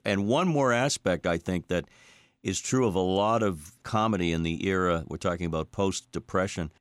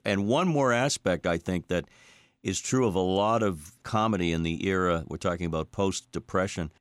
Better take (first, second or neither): neither